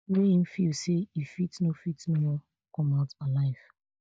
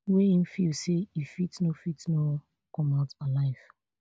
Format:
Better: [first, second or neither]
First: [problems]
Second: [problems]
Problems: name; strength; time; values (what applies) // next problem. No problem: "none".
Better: second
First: noise reduction (neural mask model DeepFilterNet 3)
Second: none